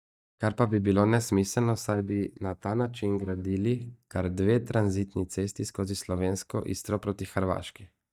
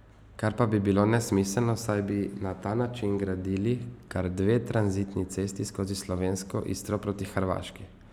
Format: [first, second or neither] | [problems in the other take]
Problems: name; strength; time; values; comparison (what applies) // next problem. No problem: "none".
second | noise reduction (neural mask model DeepFilterNet 3)